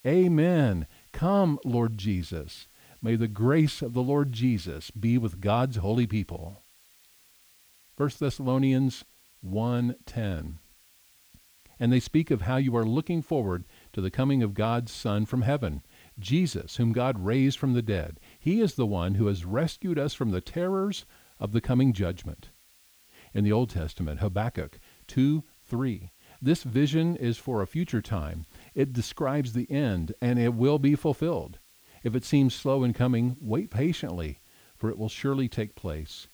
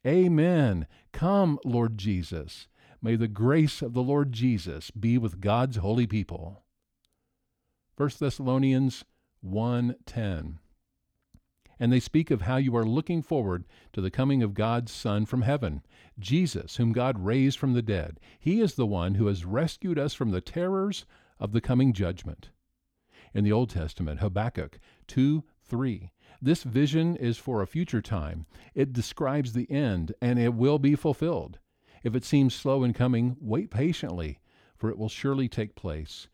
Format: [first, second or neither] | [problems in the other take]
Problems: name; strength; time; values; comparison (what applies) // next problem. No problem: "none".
second | hiss; faint; throughout; 30 dB below the speech